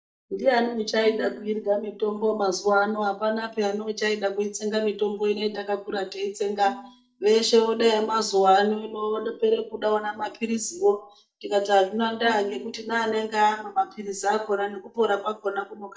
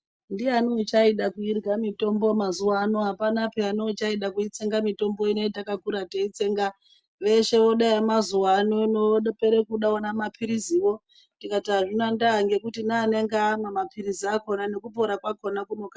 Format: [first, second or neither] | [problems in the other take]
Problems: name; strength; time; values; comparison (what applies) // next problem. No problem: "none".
second | noise reduction (neural mask model DeepFilterNet 3)